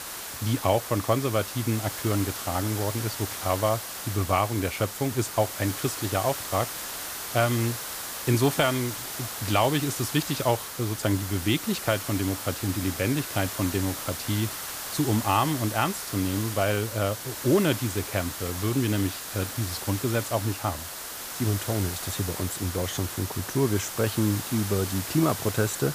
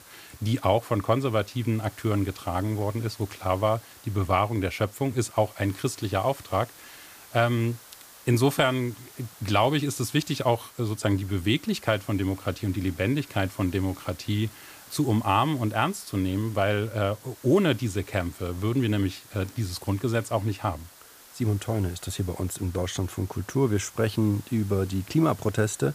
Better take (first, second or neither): second